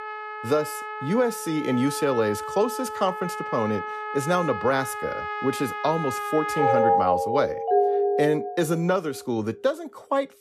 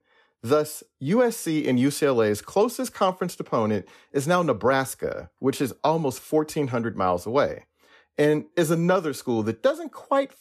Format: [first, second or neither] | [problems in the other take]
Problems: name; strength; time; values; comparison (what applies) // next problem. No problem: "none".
second | background music; loud; throughout; 2 dB below the speech